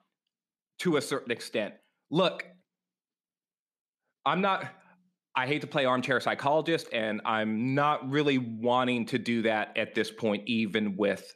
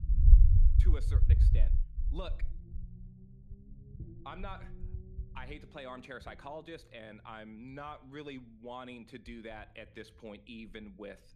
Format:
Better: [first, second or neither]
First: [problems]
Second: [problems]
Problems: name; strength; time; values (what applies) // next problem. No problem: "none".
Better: first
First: none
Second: low rumble; loud; throughout; 5 dB below the speech